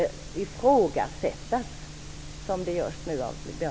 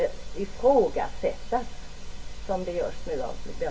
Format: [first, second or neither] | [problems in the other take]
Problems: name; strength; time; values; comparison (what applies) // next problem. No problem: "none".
first | room echo; dies away in 0.1 s